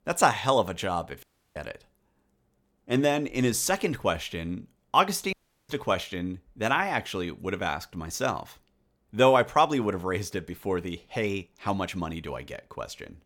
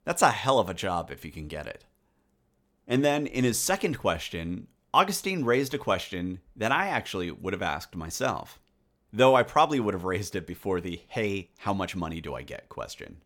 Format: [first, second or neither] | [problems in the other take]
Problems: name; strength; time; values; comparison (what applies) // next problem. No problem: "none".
second | audio cutting out; at 1 s and at 5.5 s